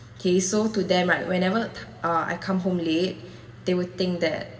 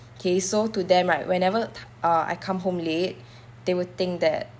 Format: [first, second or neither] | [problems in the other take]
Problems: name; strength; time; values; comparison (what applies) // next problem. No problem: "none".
second | room echo; dies away in 1.1 s